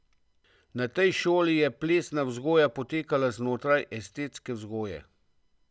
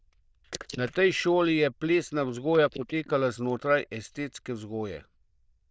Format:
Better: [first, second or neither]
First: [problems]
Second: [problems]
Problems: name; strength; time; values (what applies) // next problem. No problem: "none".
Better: first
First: none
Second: noise reduction (neural diffusion model UNIVERSE++)